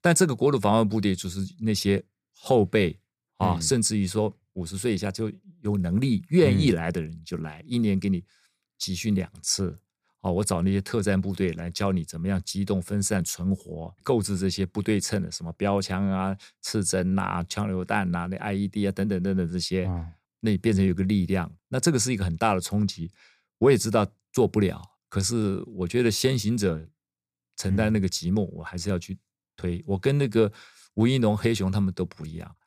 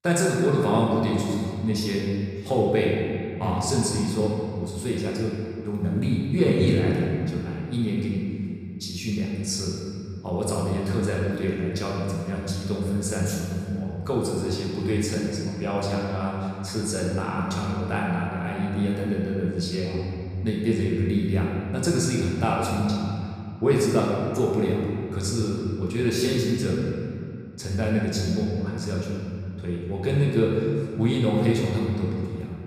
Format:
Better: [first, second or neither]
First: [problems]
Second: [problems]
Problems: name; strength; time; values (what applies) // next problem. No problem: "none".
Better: first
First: none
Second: room echo; noticeable; dies away in 2.3 s // off-mic speech; far